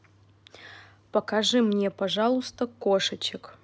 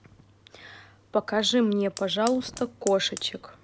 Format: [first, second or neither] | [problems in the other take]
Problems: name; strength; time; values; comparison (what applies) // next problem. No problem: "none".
first | background sound (Fire); 18 dB below the speech